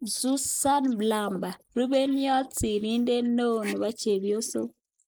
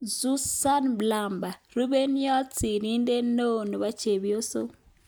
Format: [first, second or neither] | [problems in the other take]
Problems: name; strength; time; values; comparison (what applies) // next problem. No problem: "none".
second | noise reduction (neural mask model Resemble Enhance denoiser)